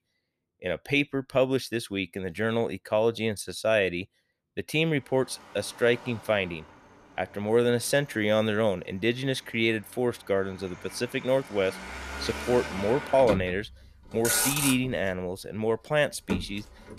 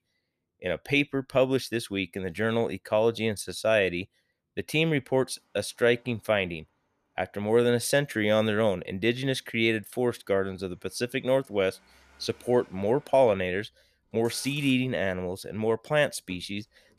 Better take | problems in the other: second | traffic noise; loud; from 5 s on; 5 dB below the speech; faint in the second

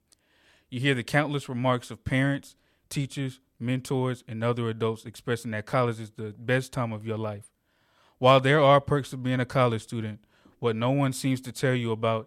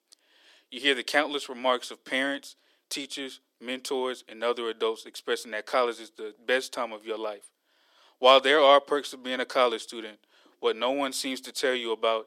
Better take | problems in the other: first | thin; somewhat; fading below 300 Hz

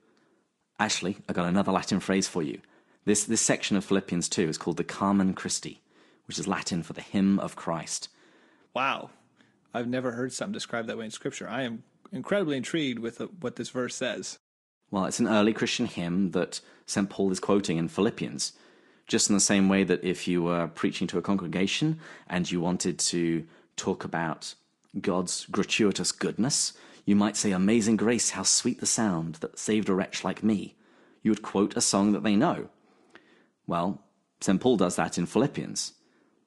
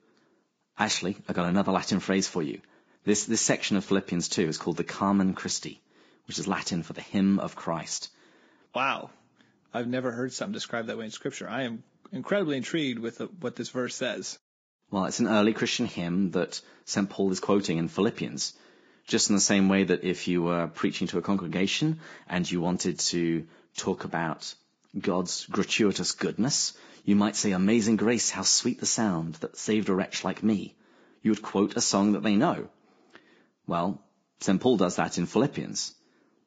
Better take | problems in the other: first | garbled, watery; badly; nothing above 7.5 kHz; slightly in the first

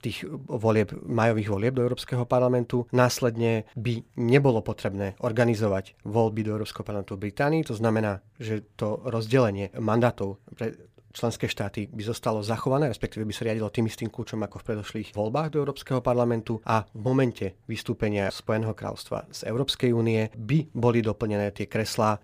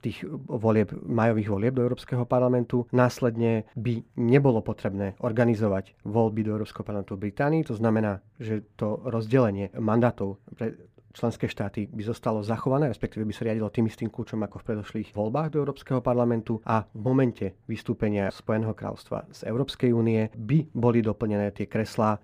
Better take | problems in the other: first | muffled; slightly; fading above 2.5 kHz

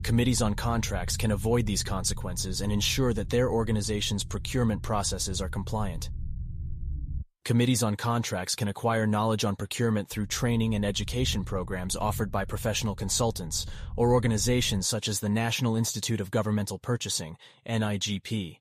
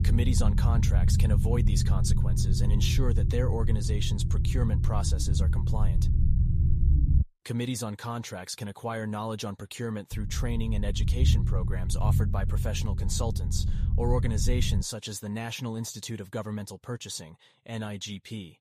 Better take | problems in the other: first | low rumble; loud; until 7 s and from 10 to 15 s; 5 dB below the speech; faint in the first

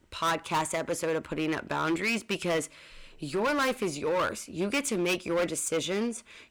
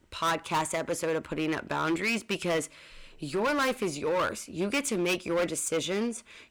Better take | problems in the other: neither | distortion; heavy; 11% of the sound clipped; the same in both

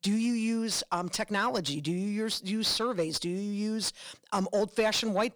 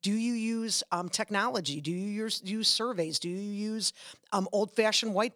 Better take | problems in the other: second | distortion; slight; 10 dB below the speech

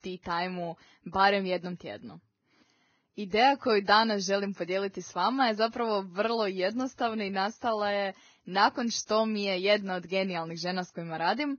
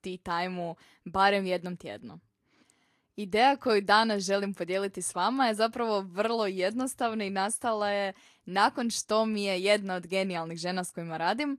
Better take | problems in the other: second | garbled, watery; badly; nothing above 6.5 kHz; slightly in the second

